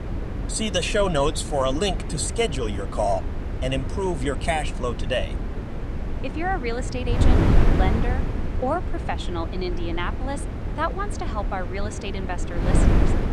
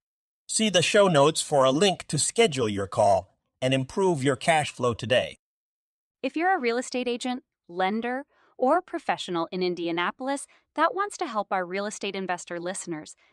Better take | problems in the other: second | wind noise on the microphone; heavy; 7 dB below the speech

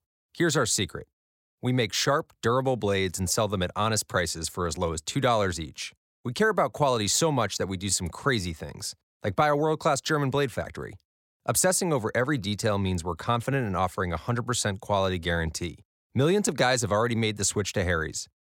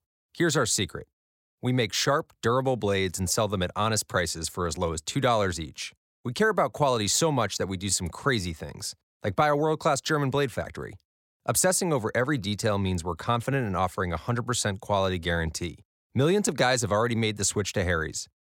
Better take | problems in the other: neither | none

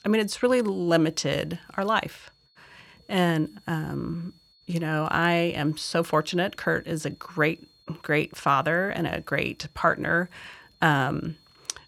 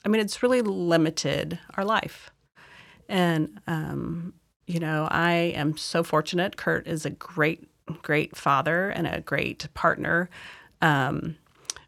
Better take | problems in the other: second | high-pitched whine; faint; throughout; 4.5 kHz, 30 dB below the speech

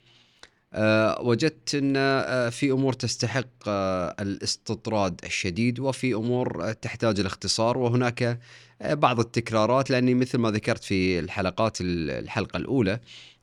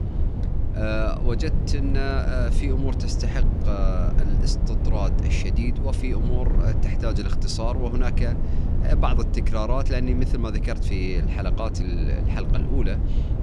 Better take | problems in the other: first | low rumble; loud; throughout; 6 dB below the speech

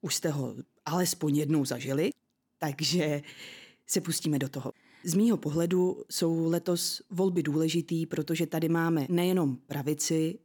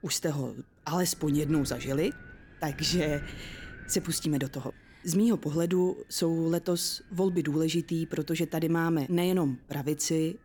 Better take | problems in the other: first | wind noise on the microphone; occasional gusts; 20 dB below the speech

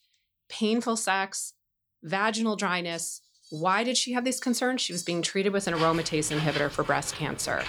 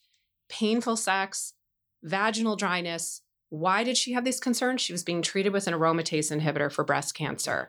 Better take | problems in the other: second | animal sounds; noticeable; from 3 s on; 15 dB below the speech

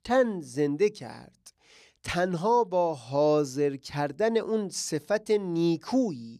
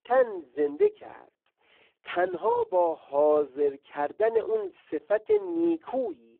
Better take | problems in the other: first | phone-call audio; poor line

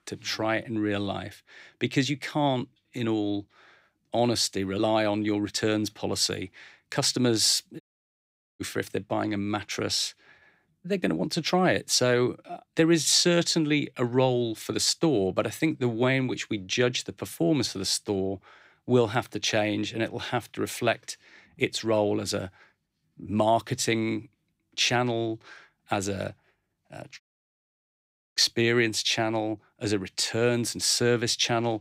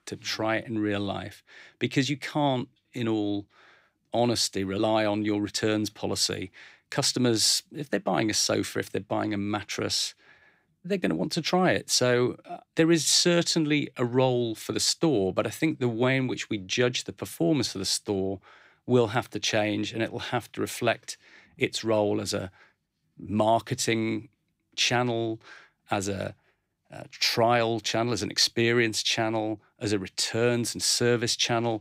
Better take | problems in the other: second | audio cutting out; at 8 s for 1 s and at 27 s for 1 s

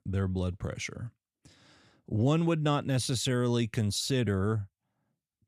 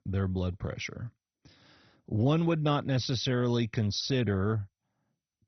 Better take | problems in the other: first | garbled, watery; badly; nothing above 6 kHz

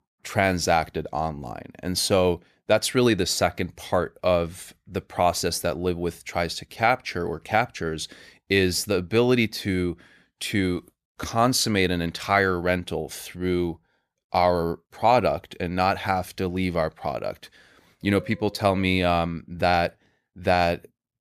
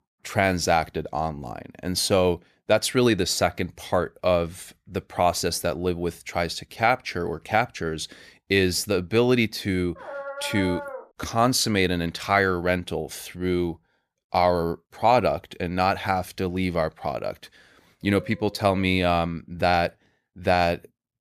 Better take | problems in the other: first | dog barking; noticeable; from 10 to 11 s; peak 9 dB below the speech

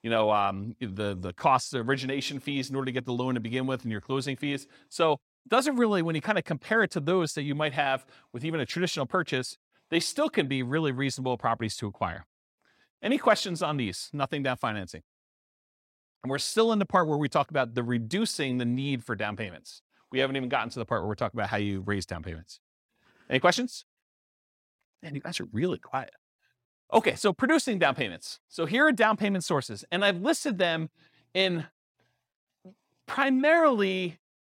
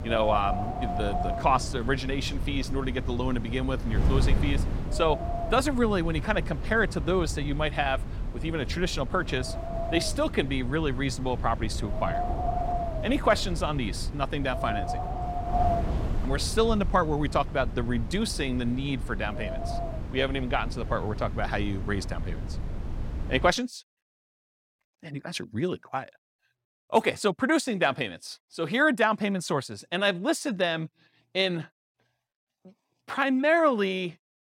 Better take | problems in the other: first | wind noise on the microphone; heavy; until 24 s; 9 dB below the speech

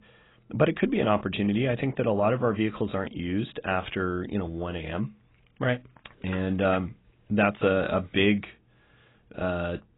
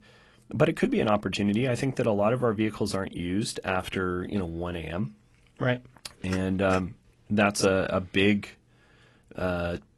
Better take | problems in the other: second | garbled, watery; badly; nothing above 3.5 kHz; slightly in the second

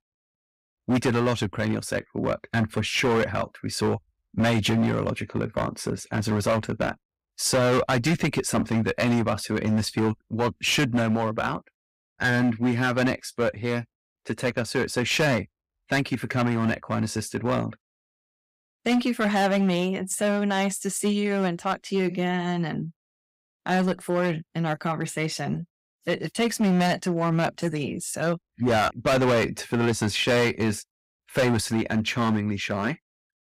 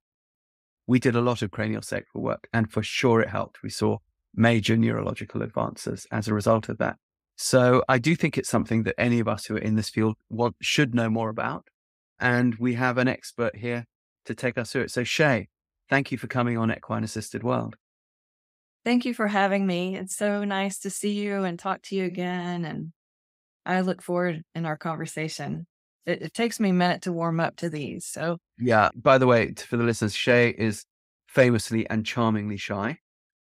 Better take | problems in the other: second | distortion; heavy; 10% of the sound clipped

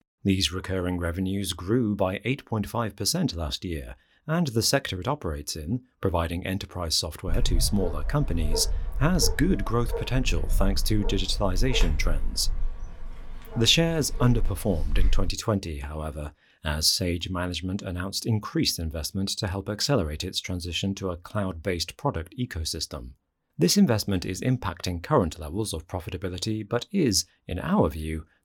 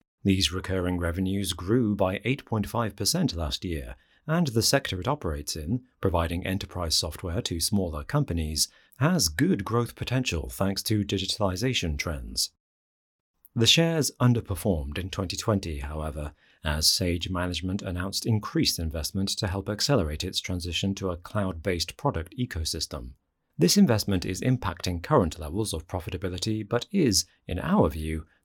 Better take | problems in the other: second | dog barking; noticeable; from 7.5 to 15 s; peak 2 dB below the speech

